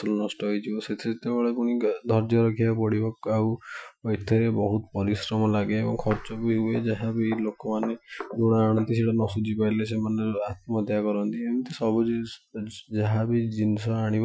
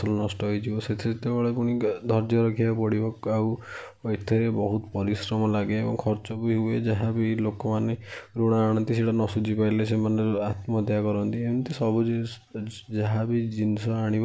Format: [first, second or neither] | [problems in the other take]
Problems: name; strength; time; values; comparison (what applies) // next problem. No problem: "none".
second | noise reduction (classical method Wiener filter)